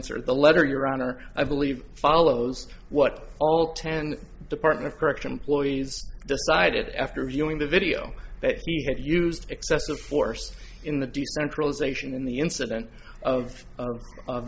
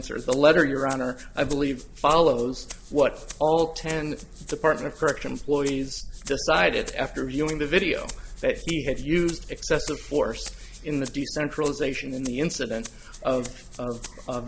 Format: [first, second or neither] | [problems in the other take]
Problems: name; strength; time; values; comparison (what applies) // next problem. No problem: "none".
first | background sound (Rattle (instrument)); 20 dB below the speech